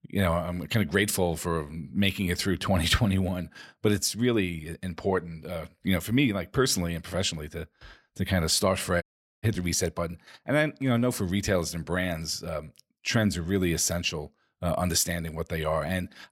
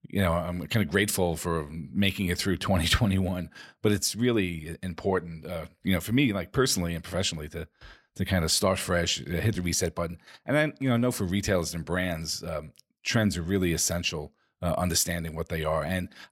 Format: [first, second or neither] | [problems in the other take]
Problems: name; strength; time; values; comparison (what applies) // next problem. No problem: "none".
second | audio cutting out; at 9 s